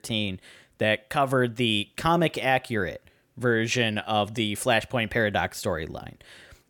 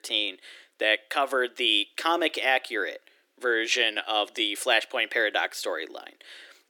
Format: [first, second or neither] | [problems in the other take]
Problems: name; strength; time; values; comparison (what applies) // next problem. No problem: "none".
first | thin; very; fading below 300 Hz